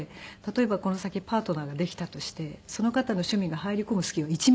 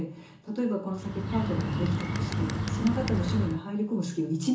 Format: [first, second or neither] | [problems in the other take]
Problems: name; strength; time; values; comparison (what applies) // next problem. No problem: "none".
first | background sound (Bird); as loud as the speech // room echo; dies away in 0.7 s